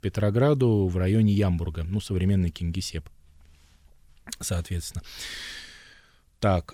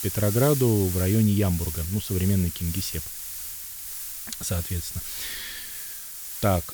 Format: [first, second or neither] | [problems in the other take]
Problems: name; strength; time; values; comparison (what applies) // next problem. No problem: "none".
first | hiss; loud; throughout; 6 dB below the speech